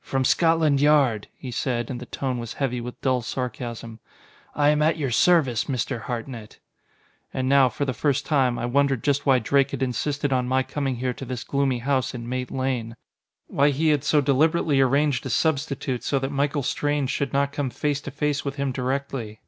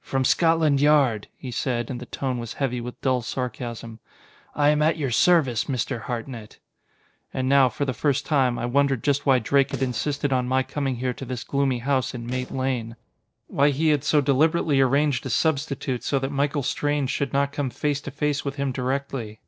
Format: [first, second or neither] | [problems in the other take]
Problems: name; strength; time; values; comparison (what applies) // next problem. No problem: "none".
first | noise reduction (neural separator model SepFormer DNS4)